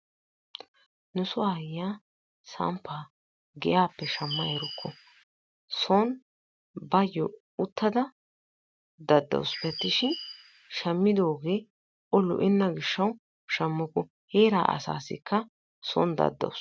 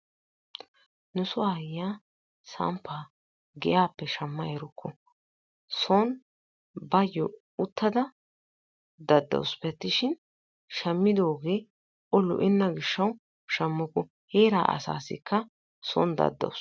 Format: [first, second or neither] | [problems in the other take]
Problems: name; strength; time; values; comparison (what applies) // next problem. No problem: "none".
second | background sound (Bird); 9 dB below the speech